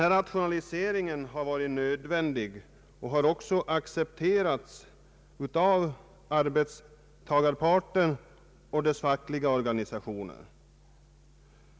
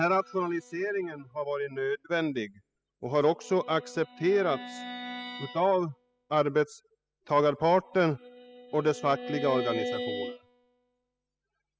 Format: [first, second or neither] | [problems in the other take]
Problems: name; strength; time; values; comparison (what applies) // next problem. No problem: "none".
first | noise reduction (classical method spectral subtraction)